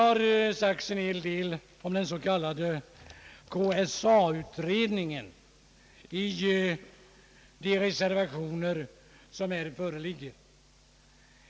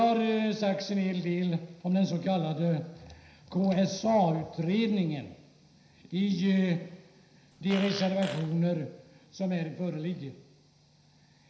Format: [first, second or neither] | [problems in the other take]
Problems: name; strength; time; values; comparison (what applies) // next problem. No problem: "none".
first | background sound (Fart); 13 dB below the speech // room echo; dies away in 0.9 s